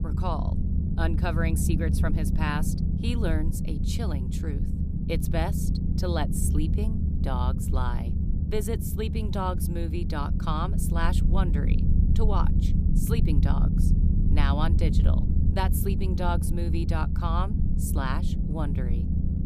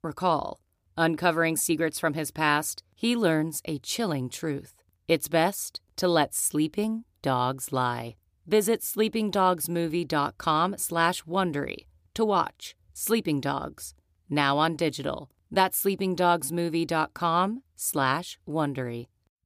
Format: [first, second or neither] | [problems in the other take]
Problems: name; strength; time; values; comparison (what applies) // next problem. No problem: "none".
second | low rumble; loud; throughout; 5 dB below the speech